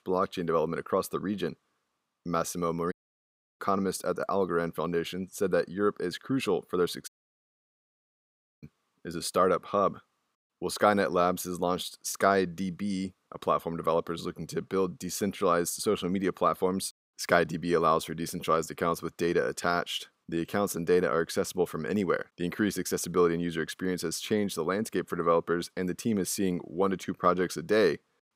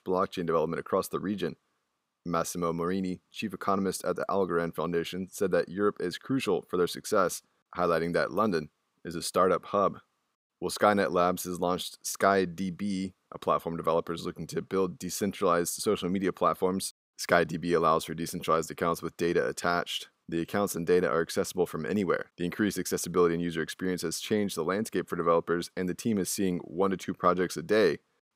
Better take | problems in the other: second | audio cutting out; at 3 s for 0.5 s and at 7 s for 1.5 s

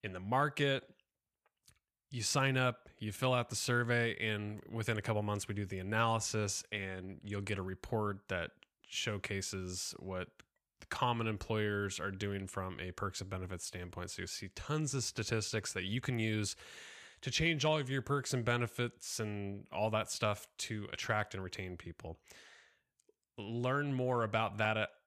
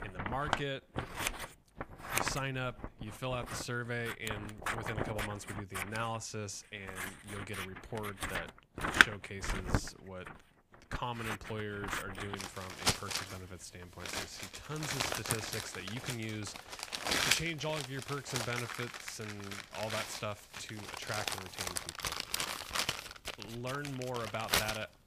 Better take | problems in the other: first | household noises; very loud; throughout; 4 dB above the speech

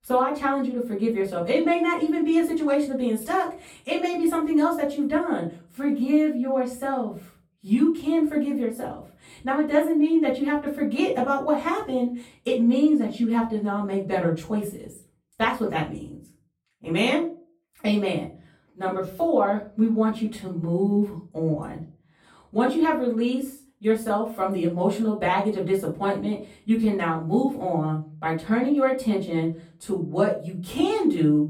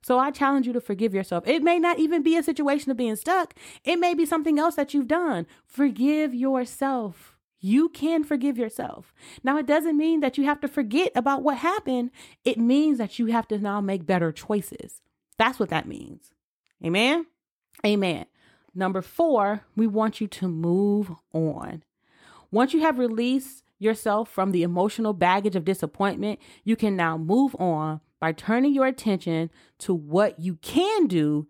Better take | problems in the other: second | room echo; slight; dies away in 0.3 s // off-mic speech; far

